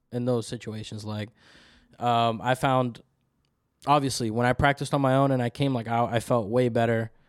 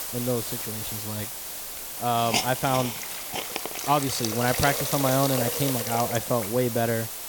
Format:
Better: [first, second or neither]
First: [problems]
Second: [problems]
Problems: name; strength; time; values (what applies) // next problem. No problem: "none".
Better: first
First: none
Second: hiss; loud; throughout; 2 dB below the speech